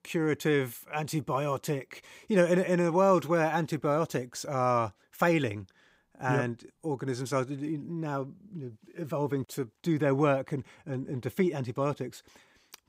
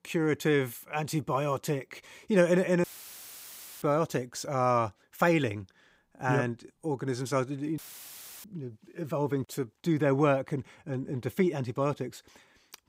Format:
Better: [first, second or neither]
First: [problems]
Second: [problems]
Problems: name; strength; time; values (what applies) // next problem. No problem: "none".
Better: first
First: none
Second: audio cutting out; filled with static; at 3 s for 1 s and at 8 s for 0.5 s